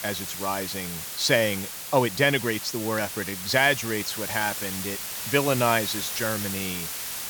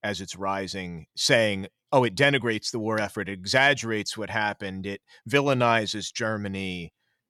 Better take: second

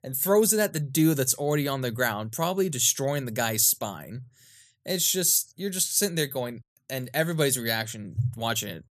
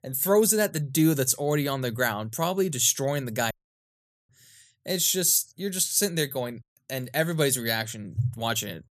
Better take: first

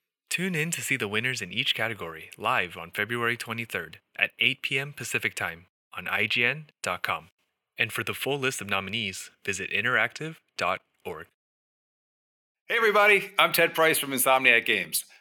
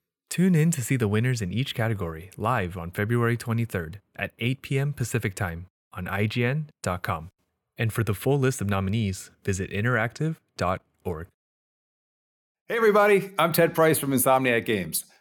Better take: second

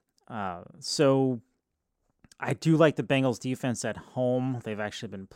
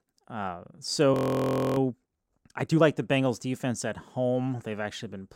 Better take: first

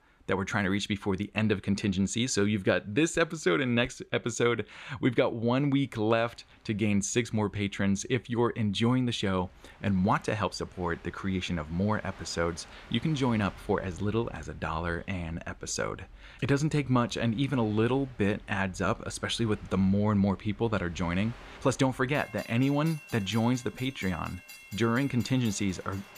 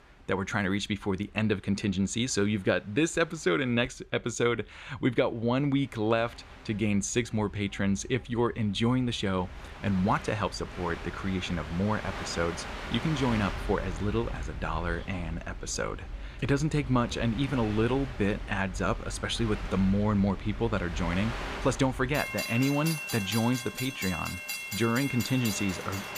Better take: first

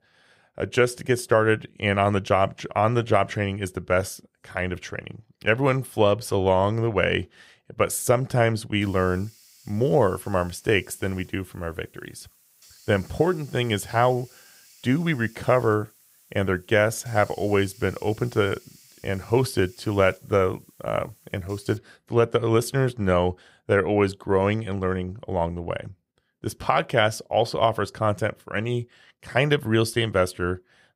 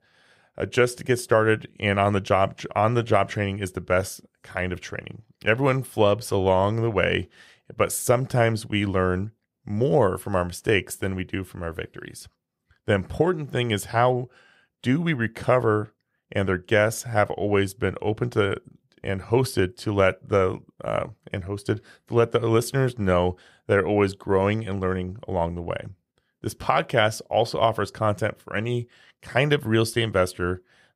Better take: second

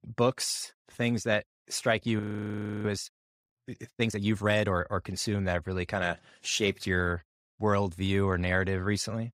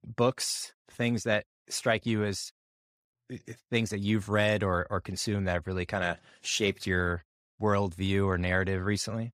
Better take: second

